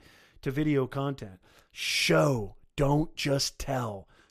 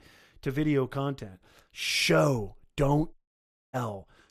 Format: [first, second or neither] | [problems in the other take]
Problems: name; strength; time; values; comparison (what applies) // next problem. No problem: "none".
first | audio cutting out; at 3 s for 0.5 s